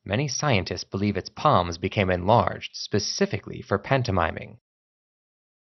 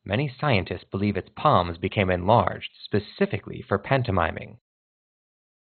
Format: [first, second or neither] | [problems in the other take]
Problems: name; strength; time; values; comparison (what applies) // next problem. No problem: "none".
first | garbled, watery; badly; nothing above 4 kHz; slightly in the first